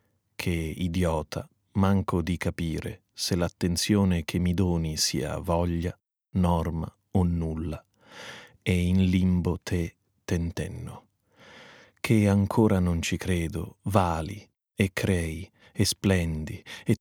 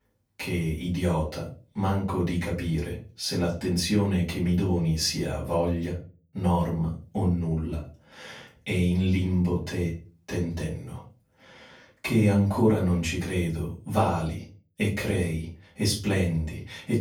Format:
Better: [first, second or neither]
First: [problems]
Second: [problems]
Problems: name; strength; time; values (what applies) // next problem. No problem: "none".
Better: first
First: none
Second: room echo; slight; dies away in 0.3 s // off-mic speech; far